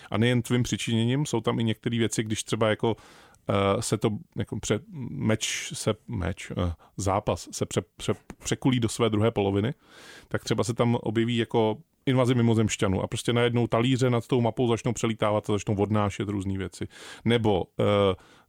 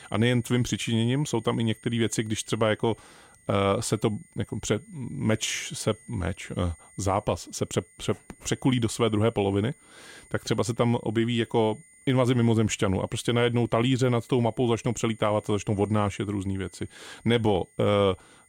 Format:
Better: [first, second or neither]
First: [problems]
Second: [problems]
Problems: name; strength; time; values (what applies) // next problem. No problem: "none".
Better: first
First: none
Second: high-pitched whine; faint; throughout; 9 kHz, 25 dB below the speech